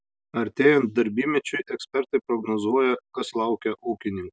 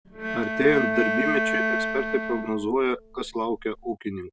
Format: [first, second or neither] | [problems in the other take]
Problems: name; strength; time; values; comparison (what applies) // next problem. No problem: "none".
first | background sound (Bowed string instrument); 2 dB below the speech